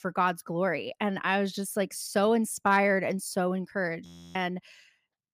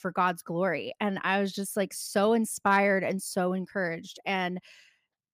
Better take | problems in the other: second | audio freezing; at 4 s

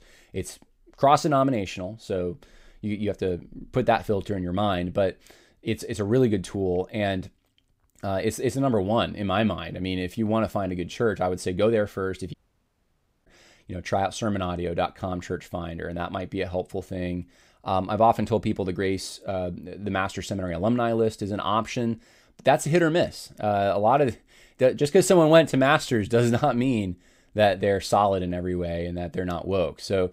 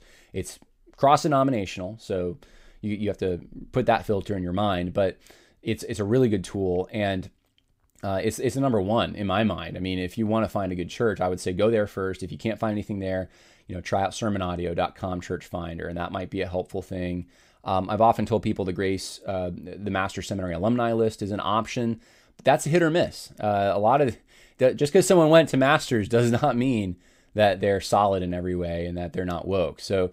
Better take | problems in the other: second | audio cutting out; at 12 s for 1 s

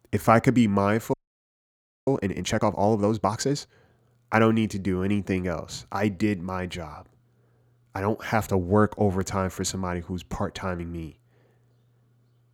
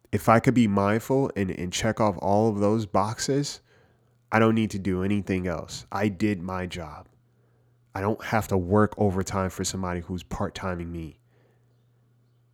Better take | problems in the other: second | audio freezing; at 1 s for 1 s

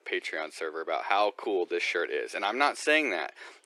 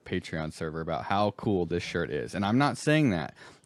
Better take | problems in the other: second | thin; very; fading below 350 Hz

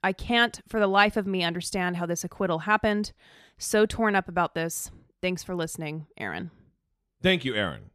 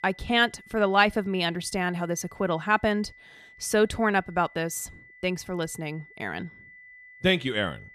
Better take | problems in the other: first | high-pitched whine; faint; throughout; 2 kHz, 25 dB below the speech

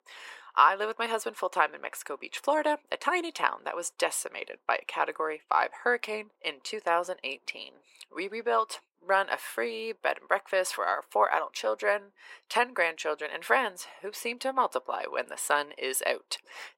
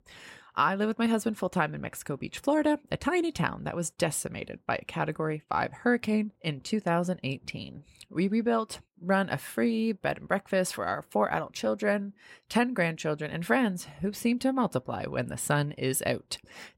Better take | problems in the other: second | thin; very; fading below 400 Hz

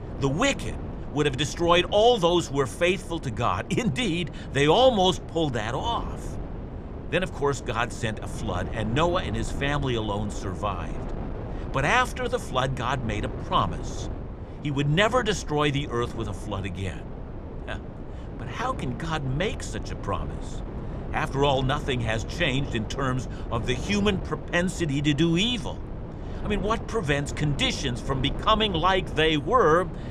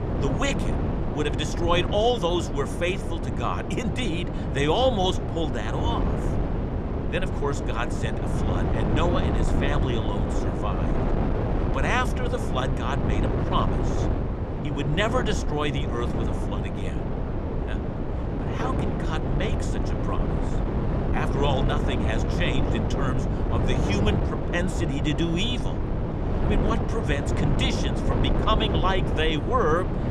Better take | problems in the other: first | wind noise on the microphone; heavy; 4 dB below the speech; occasional gusts in the first

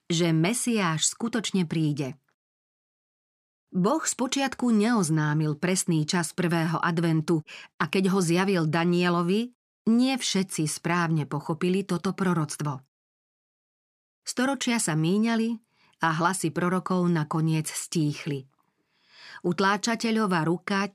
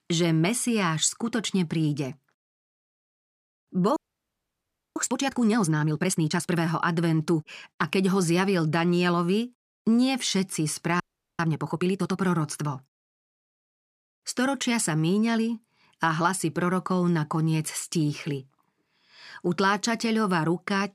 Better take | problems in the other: first | audio freezing; at 4 s for 1 s and at 11 s

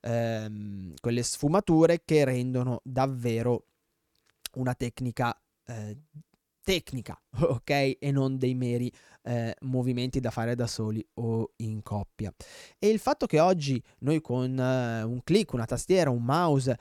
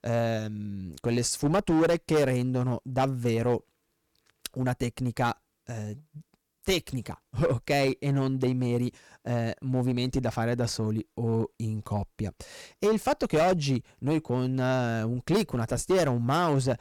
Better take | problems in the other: first | distortion; slight; 7% of the sound clipped

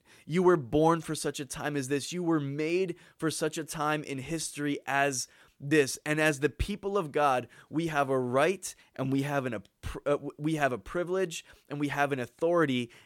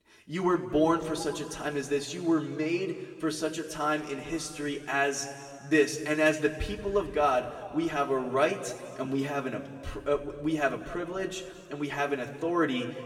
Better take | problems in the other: first | room echo; slight; dies away in 2.1 s // off-mic speech; somewhat distant

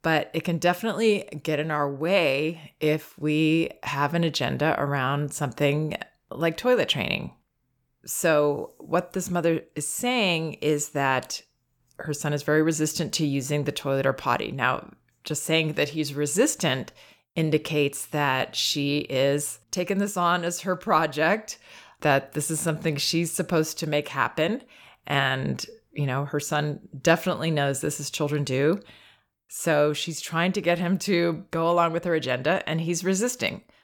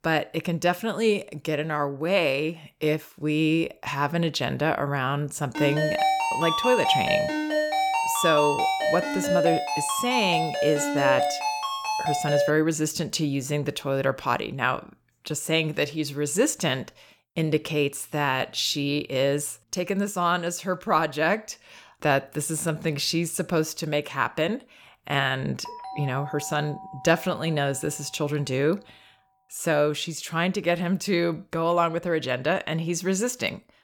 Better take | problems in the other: first | phone ringing; loud; from 5.5 to 13 s; peak 3 dB above the speech // doorbell; faint; from 26 to 28 s; peak 10 dB below the speech

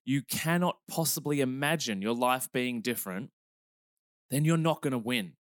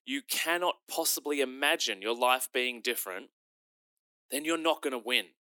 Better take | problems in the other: first | thin; somewhat; fading below 300 Hz

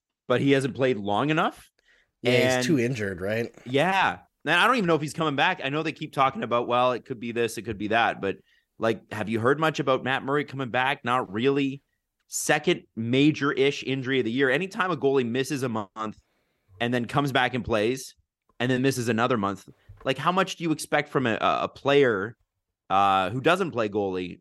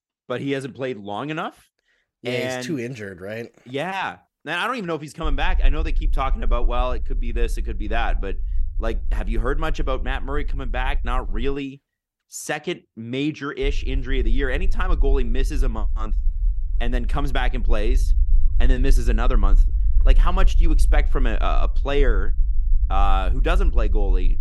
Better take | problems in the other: first | low rumble; faint; from 5 to 12 s and from 14 s on; 20 dB below the speech

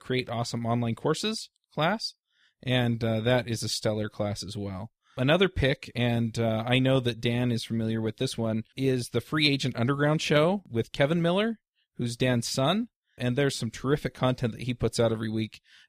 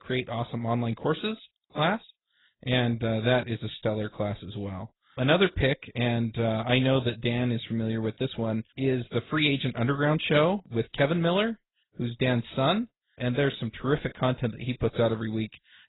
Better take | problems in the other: first | garbled, watery; badly; nothing above 4 kHz

